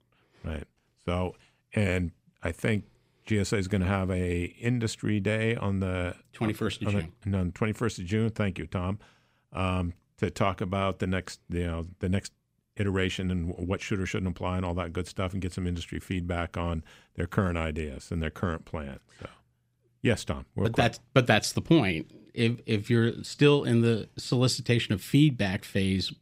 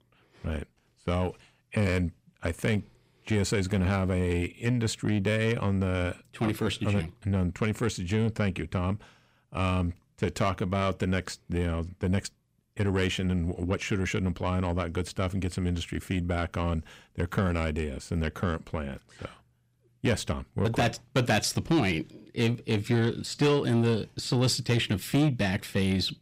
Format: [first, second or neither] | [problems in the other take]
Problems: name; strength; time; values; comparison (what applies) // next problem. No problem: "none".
first | distortion; slight; 10 dB below the speech